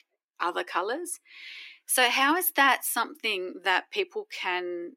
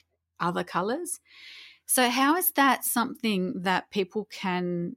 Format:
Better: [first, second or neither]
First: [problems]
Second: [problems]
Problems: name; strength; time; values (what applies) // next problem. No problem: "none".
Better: second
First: thin; somewhat; fading below 300 Hz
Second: none